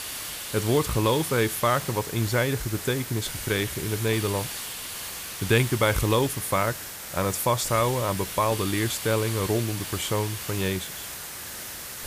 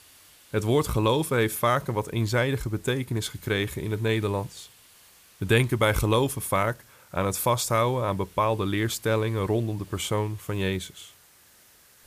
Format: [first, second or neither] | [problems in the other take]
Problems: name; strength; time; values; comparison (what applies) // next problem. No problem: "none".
second | hiss; loud; throughout; 7 dB below the speech; faint in the second